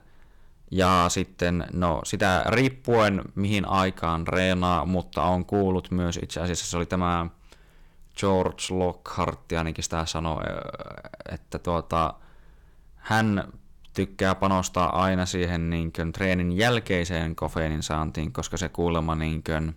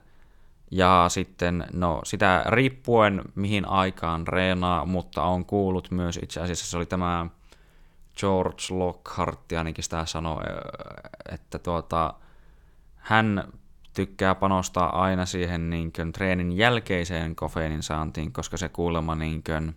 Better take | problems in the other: second | distortion; slight; 2% of the sound clipped

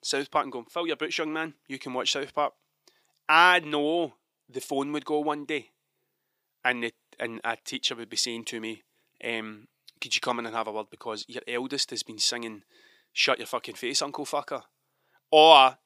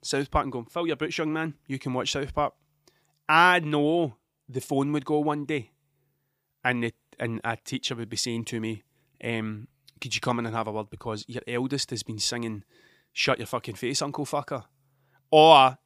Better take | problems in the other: second | thin; very slightly; fading below 350 Hz

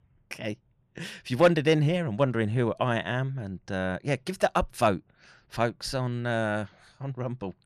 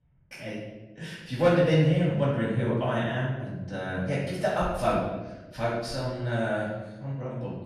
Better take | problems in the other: first | off-mic speech; far // room echo; noticeable; dies away in 1 s

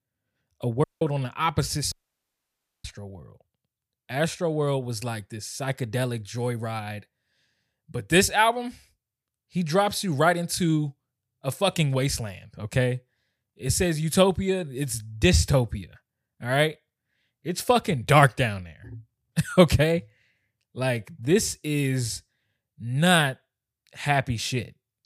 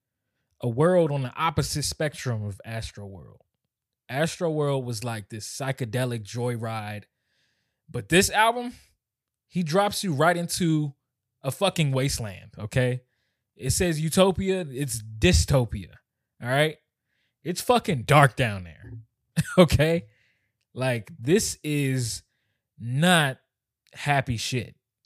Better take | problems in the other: second | audio cutting out; at 1 s and at 2 s for 1 s

